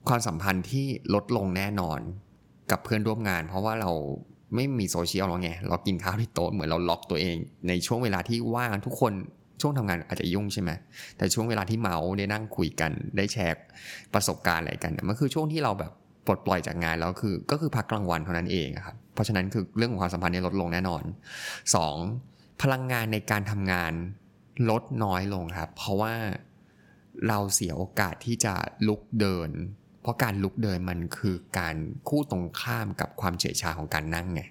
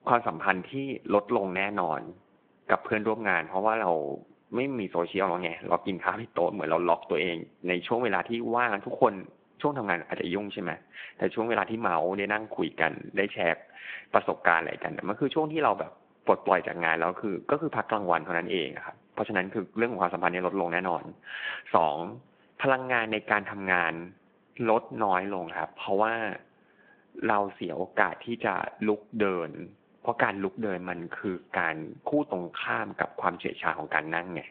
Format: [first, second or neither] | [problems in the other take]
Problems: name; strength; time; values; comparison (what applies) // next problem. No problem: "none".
first | phone-call audio